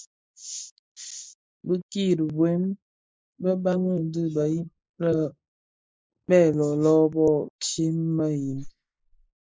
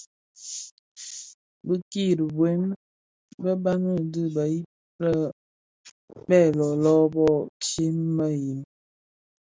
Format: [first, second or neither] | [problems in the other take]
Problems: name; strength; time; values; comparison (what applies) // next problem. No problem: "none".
second | noise reduction (neural mask model Resemble Enhance denoiser)